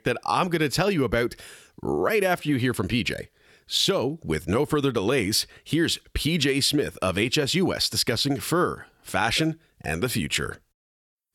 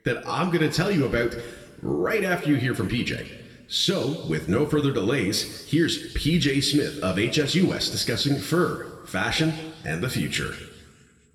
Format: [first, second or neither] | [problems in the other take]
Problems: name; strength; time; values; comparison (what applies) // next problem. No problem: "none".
first | room echo; noticeable; dies away in 1.6 s // off-mic speech; somewhat distant